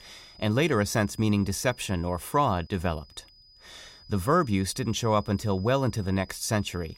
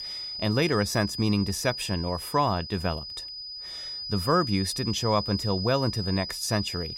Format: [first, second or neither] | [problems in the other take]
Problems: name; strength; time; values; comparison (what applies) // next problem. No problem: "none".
first | high-pitched whine; loud; throughout; 5 kHz, 6 dB below the speech; faint in the first